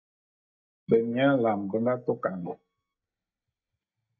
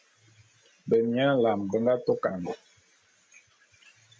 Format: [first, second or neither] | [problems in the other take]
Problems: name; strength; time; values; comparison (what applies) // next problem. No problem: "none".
second | noise reduction (neural mask model DeepFilterNet 3)